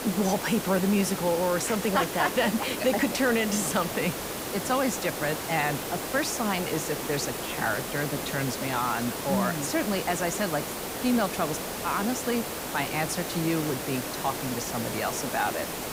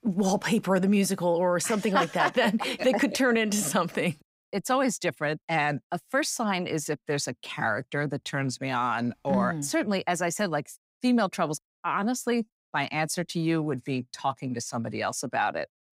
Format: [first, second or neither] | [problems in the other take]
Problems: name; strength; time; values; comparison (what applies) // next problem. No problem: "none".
second | hiss; loud; throughout; 4 dB below the speech